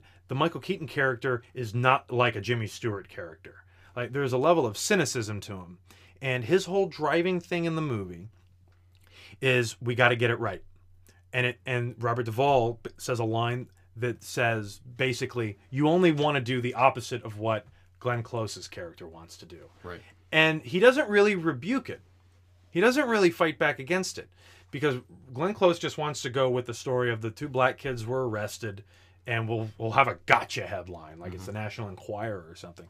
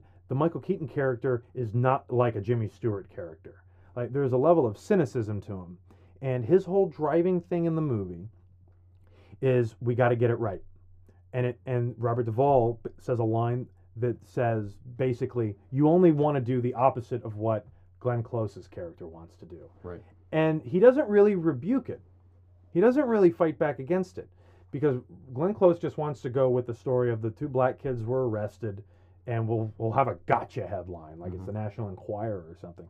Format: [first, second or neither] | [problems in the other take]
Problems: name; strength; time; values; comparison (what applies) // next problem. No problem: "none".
first | muffled; very; fading above 1.5 kHz